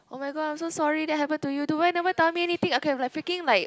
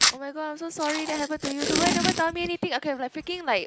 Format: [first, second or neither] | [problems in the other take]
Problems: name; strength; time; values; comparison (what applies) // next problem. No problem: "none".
first | background sound (Packing tape, duct tape); 1 dB below the speech